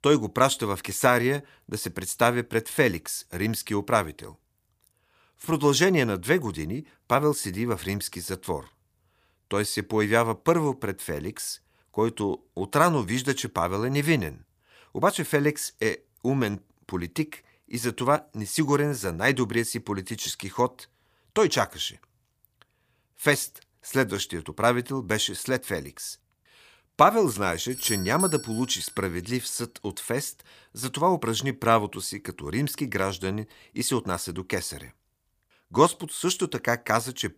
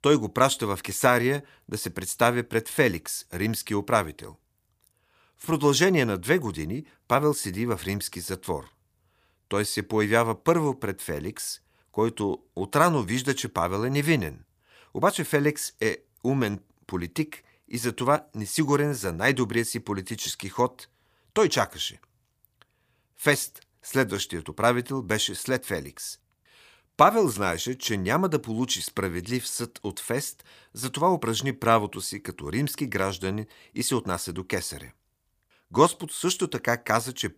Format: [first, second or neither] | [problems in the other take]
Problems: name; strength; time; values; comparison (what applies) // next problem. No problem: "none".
second | doorbell; noticeable; at 28 s; peak 2 dB below the speech